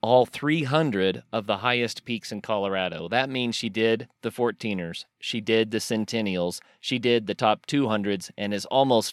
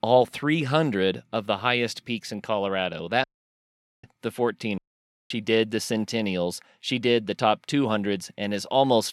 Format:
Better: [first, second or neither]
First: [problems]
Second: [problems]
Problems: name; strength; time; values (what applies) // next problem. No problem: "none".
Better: first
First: none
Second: audio cutting out; at 3 s for 1 s and at 5 s for 0.5 s